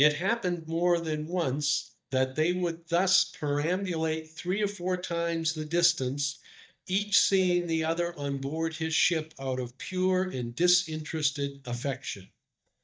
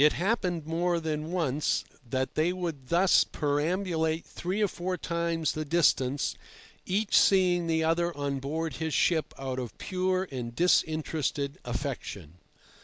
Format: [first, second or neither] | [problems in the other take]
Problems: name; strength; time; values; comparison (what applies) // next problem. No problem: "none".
second | noise reduction (neural mask model DeepFilterNet 3)